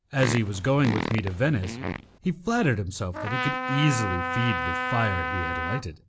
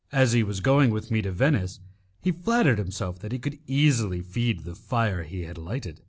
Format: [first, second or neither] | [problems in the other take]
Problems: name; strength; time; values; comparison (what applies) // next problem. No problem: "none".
second | background sound (Fart + Trumpet); 4 dB below the speech